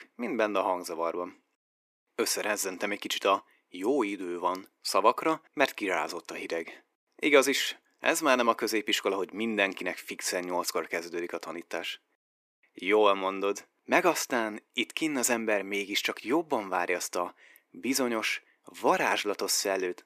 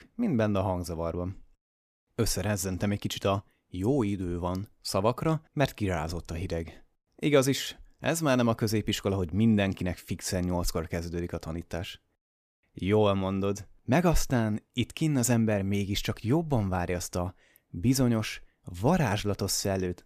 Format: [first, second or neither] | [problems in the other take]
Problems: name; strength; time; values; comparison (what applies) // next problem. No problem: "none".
second | thin; somewhat; fading below 300 Hz